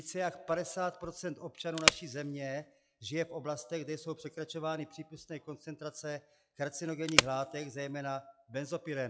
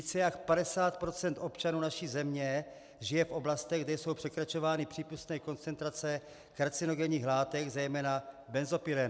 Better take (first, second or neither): second